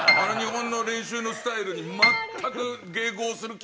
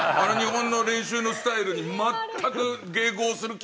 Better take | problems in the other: second | background sound (Piano); as loud as the speech

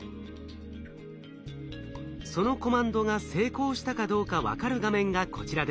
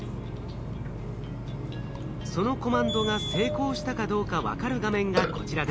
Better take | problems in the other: first | background sound (Burping, eructation); 3 dB below the speech

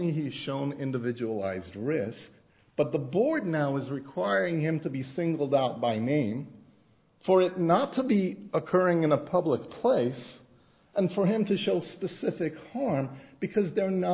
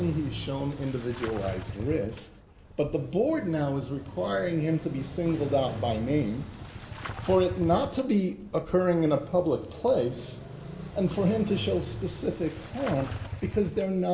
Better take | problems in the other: first | background sound (Engine starting / Motorcycle); 10 dB below the speech // room echo; dies away in 0.6 s

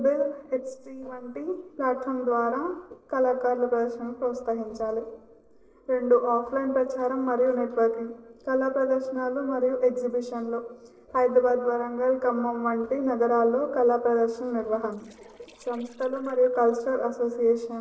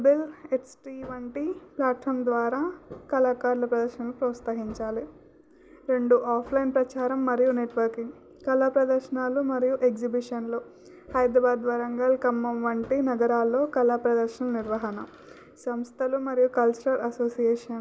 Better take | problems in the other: second | noise reduction (neural separator model SepFormer DNS4)

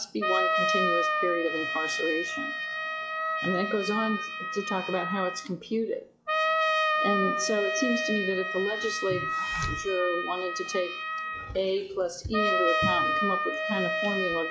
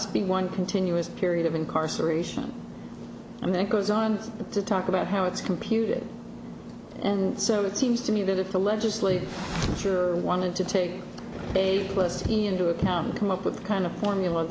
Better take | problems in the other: second | noise reduction (classical method log-MMSE)

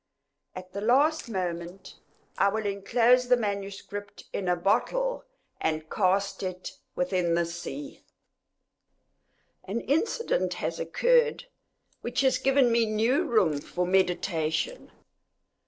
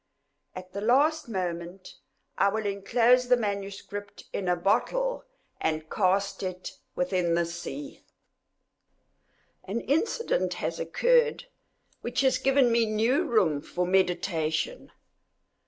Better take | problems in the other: second | noise reduction (neural separator model SepFormer DNS4)

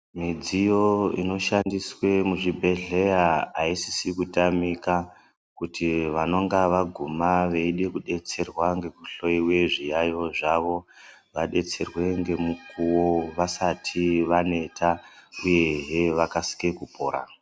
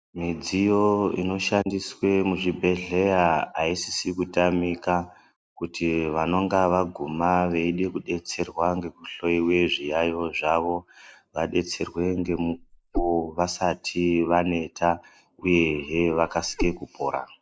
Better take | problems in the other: first | noise reduction (neural mask model Resemble Enhance denoiser)

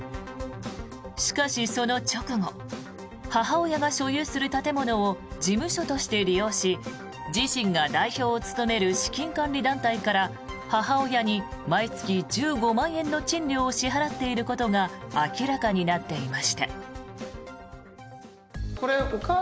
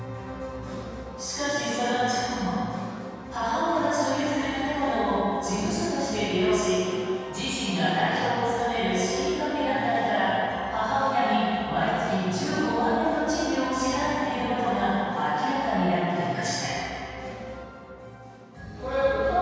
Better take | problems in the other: first | room echo; dies away in 2.2 s

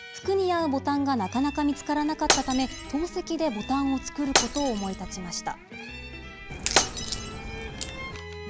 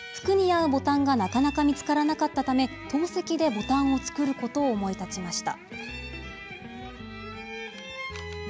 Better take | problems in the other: second | background sound (Shatter + Crack); 3 dB below the speech

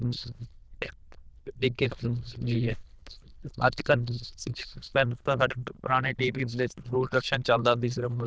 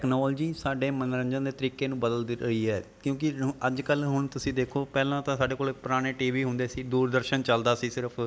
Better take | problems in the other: second | noise reduction (neural diffusion model UNIVERSE++)

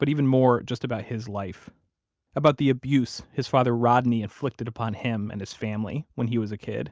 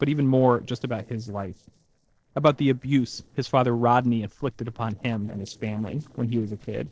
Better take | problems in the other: first | noise reduction (neural separator model SepFormer DNS4)

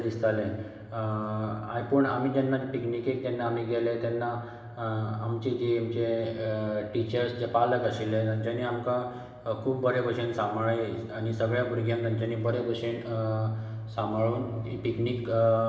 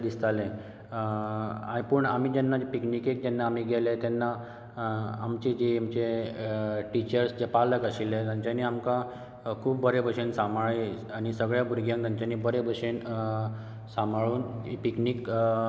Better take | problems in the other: second | room echo; dies away in 0.8 s

